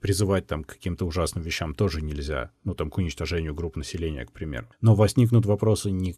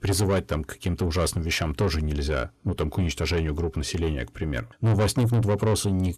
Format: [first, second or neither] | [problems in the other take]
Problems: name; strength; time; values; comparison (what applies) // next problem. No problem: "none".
first | distortion; heavy; 7 dB below the speech